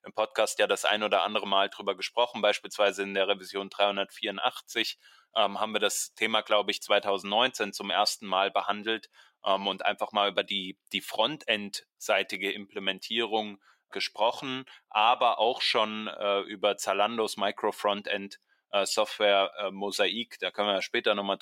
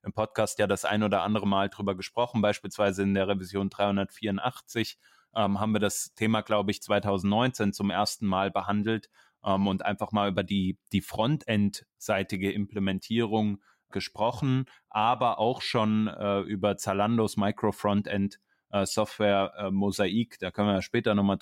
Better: second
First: thin; somewhat; fading below 500 Hz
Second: none

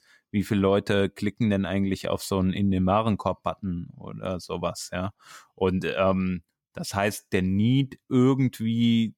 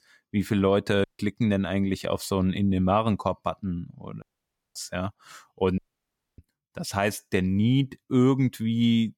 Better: first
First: none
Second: audio cutting out; at 1 s, at 4 s for 0.5 s and at 6 s for 0.5 s

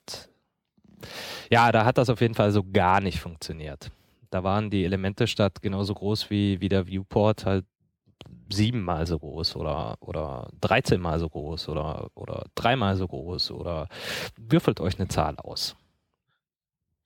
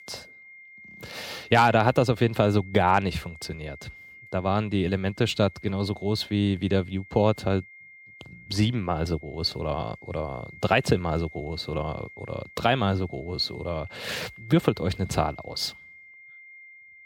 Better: first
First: none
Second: high-pitched whine; noticeable; throughout; 2 kHz, 20 dB below the speech

